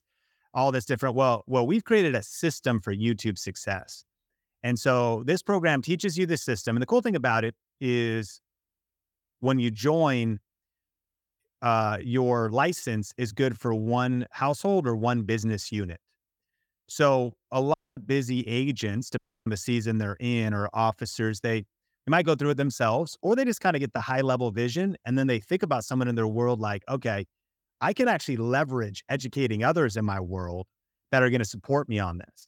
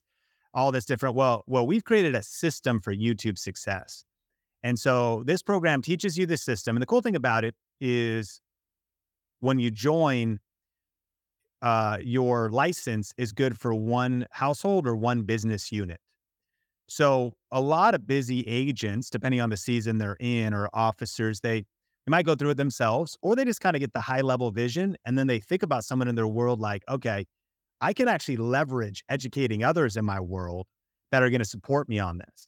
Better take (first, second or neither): second